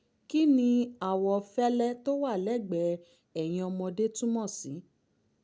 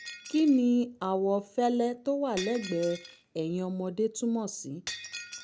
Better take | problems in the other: first | background sound (Shatter); 17 dB below the speech

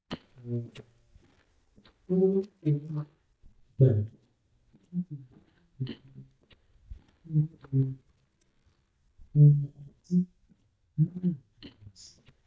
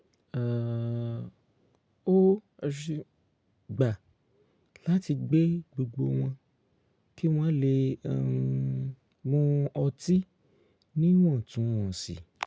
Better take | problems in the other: second | noise reduction (neural mask model DeepFilterNet 3)

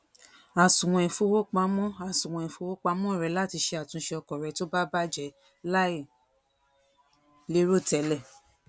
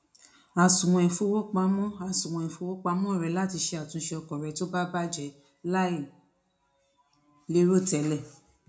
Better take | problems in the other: first | room echo; dies away in 0.3 s

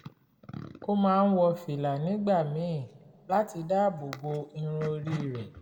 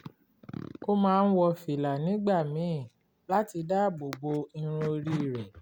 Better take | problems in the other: second | room echo; dies away in 1.2 s

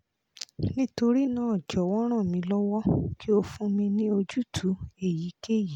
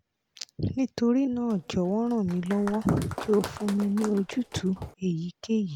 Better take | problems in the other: first | background sound (Applause); 14 dB below the speech

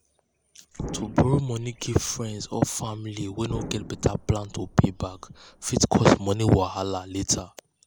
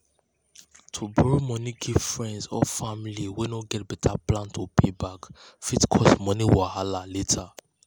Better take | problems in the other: second | background sound (Explosion); 14 dB below the speech

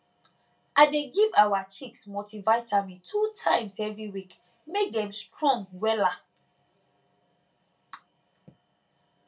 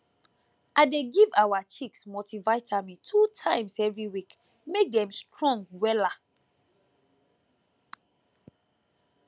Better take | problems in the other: second | room echo; dies away in 0.2 s

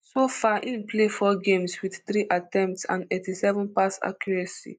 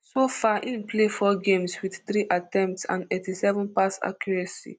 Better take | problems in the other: second | noise reduction (neural mask model Resemble Enhance denoiser)

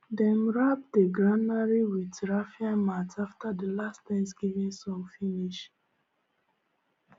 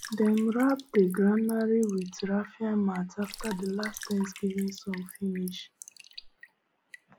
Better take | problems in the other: first | background sound (Raindrop / Drip); 18 dB below the speech

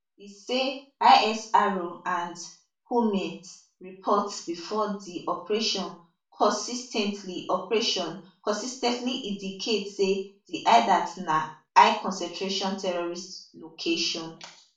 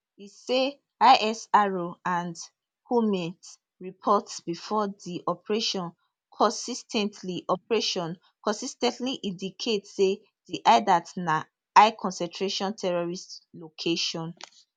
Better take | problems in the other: second | room echo; dies away in 0.4 s

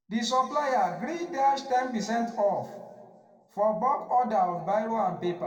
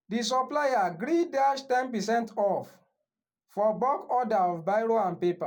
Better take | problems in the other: second | room echo; dies away in 1.4 s

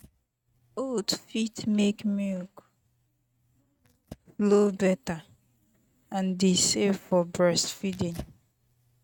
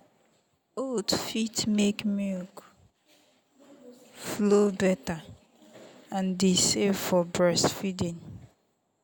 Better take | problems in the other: second | noise reduction (neural mask model RNNoise)

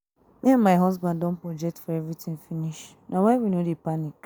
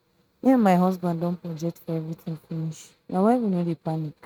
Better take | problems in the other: first | noise reduction (neural mask model RNNoise)

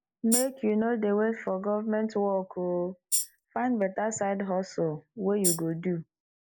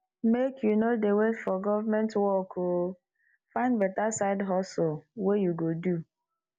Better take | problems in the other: second | noise reduction (neural mask model Resemble Enhance denoiser)

